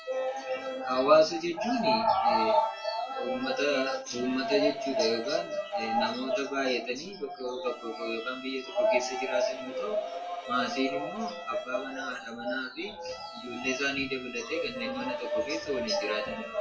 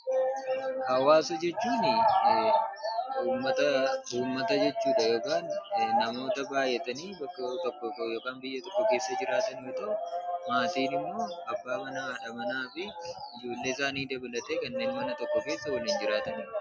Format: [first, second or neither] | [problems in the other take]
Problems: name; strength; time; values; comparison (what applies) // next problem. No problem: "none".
second | background sound (Bowed string instrument); 18 dB below the speech // room echo; dies away in 0.2 s